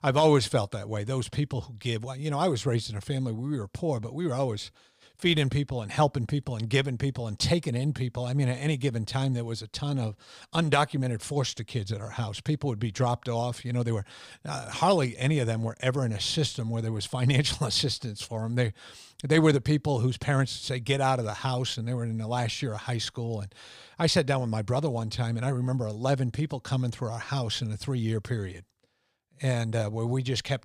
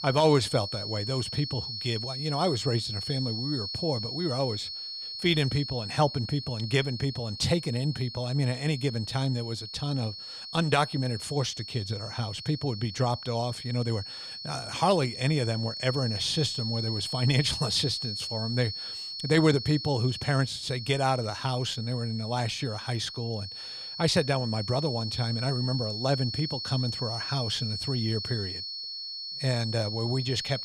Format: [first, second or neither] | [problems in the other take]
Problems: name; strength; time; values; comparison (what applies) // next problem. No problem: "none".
first | high-pitched whine; loud; throughout; 4.5 kHz, 6 dB below the speech